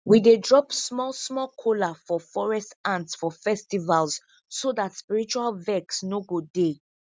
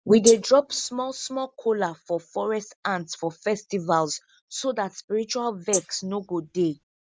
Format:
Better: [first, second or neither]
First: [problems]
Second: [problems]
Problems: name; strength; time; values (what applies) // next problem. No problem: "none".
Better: first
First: none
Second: noise reduction (neural mask model Resemble Enhance denoiser)